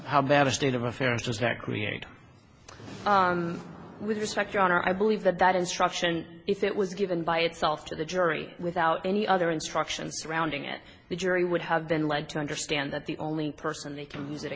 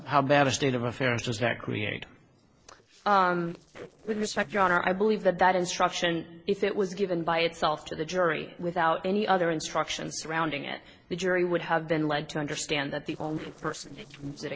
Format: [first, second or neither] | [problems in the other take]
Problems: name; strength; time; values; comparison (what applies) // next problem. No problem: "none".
first | noise reduction (neural separator model SepFormer DNS4)